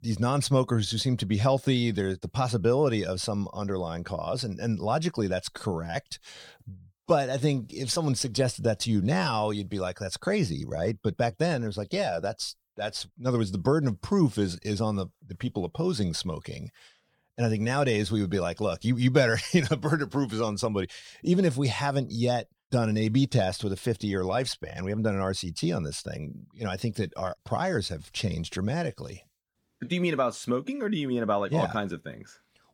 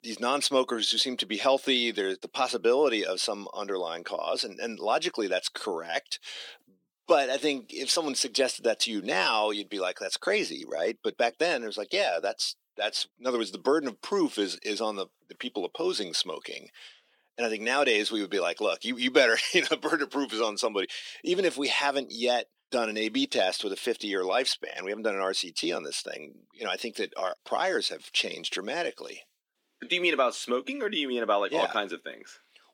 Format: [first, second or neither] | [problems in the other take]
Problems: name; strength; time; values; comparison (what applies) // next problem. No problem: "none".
first | thin; somewhat; fading below 300 Hz